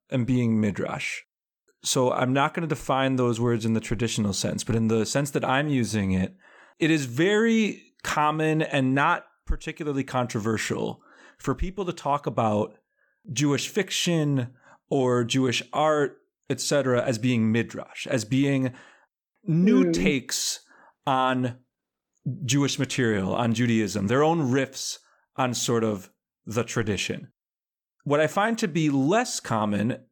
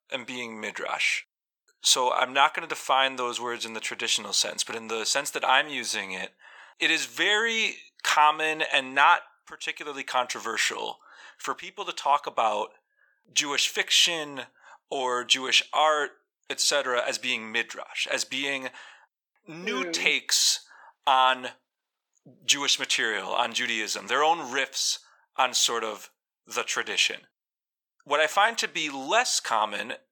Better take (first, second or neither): first